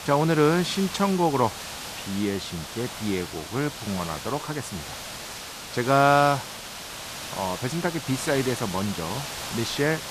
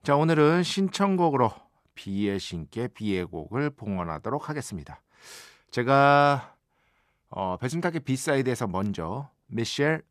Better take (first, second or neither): second